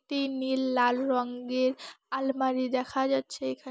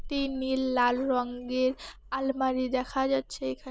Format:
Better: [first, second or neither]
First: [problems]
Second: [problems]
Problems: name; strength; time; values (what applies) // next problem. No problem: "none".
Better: first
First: none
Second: background sound (Engine starting / Car); 18 dB below the speech